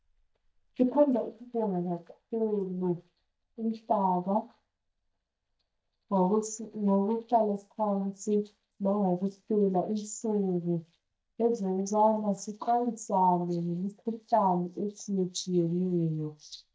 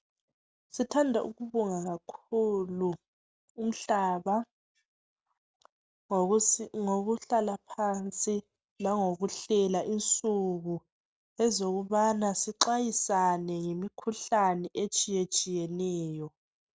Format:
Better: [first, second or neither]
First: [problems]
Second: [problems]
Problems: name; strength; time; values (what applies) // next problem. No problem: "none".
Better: second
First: noise reduction (neural mask model DeepFilterNet 3)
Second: none